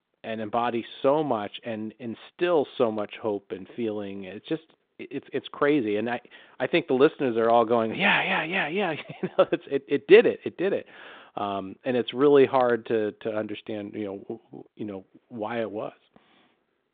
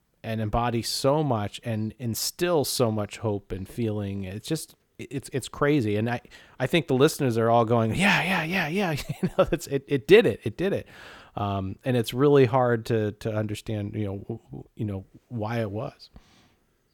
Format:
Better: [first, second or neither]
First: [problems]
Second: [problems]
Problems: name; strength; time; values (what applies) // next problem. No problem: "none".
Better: second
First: phone-call audio; nothing above 3.5 kHz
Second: none